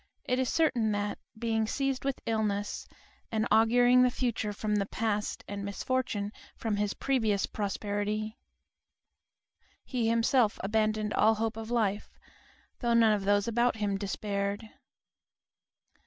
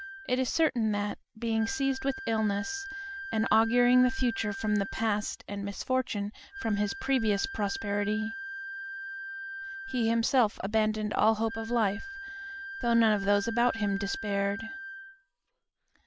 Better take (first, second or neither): first